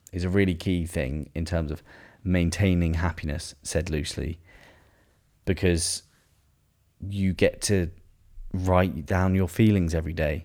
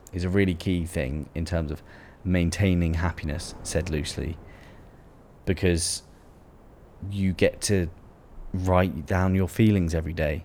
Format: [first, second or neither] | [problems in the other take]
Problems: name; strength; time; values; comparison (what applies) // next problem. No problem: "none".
first | wind noise on the microphone; occasional gusts; 25 dB below the speech